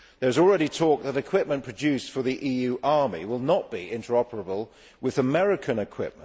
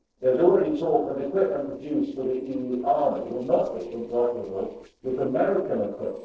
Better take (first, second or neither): first